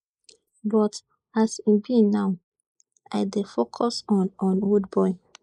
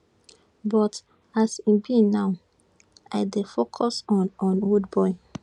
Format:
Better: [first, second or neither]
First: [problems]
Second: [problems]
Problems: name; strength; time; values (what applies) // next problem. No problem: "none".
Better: second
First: noise reduction (neural mask model Resemble Enhance denoiser)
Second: none